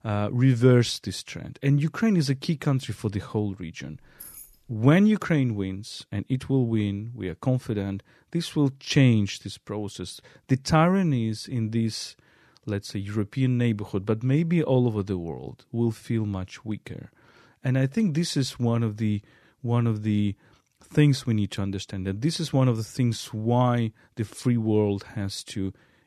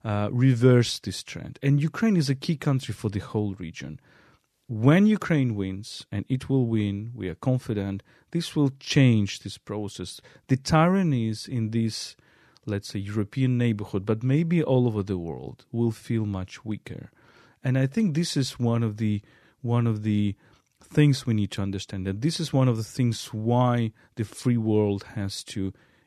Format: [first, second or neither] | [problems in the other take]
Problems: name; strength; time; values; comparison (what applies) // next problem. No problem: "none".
second | jangling keys; faint; at 4 s; peak 15 dB below the speech